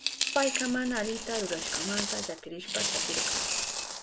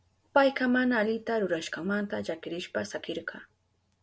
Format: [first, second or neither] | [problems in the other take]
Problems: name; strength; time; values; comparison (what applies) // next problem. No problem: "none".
second | background sound (Coin (dropping)); 1 dB above the speech